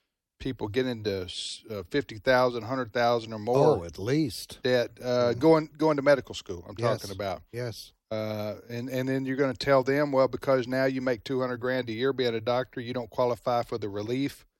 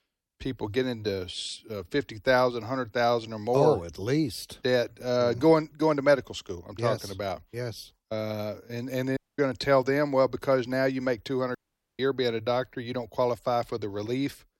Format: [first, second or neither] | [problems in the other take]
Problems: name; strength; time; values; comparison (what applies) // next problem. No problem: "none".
first | audio cutting out; at 9 s and at 12 s